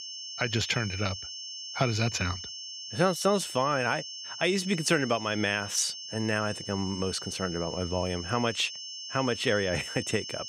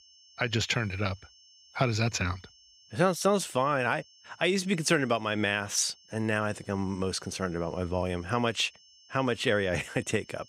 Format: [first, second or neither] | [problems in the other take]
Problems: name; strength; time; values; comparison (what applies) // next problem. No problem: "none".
second | high-pitched whine; loud; throughout; 5.5 kHz, 8 dB below the speech; faint in the second